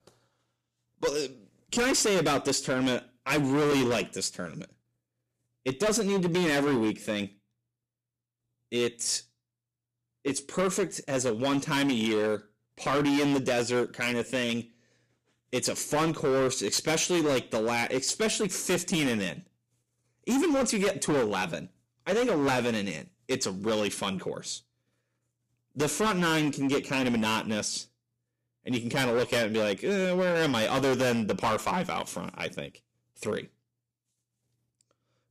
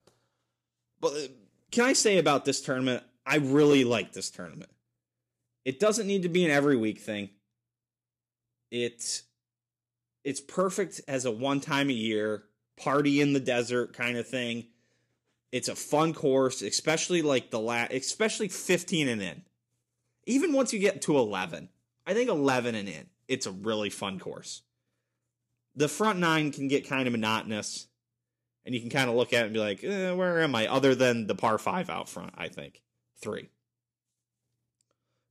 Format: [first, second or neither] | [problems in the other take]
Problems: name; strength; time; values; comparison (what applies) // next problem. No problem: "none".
second | distortion; heavy; 13% of the sound clipped